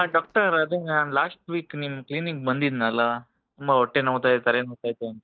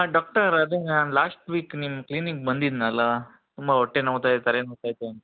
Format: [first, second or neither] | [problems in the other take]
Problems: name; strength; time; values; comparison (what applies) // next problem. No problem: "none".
second | noise reduction (neural mask model DeepFilterNet 3)